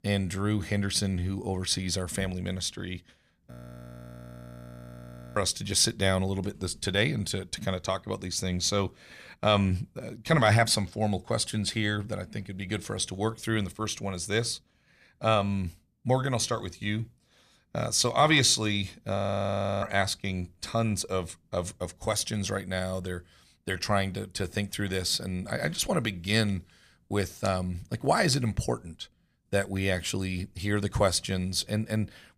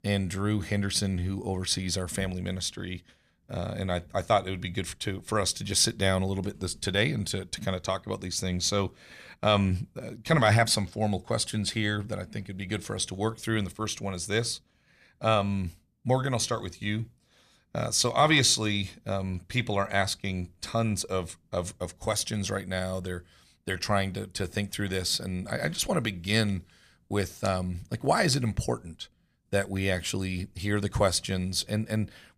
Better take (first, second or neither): second